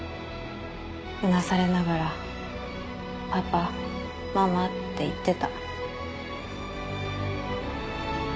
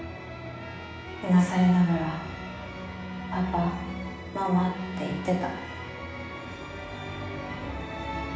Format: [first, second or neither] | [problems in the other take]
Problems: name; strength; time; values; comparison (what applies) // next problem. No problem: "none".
first | background sound (Trumpet); 19 dB below the speech // room echo; dies away in 0.9 s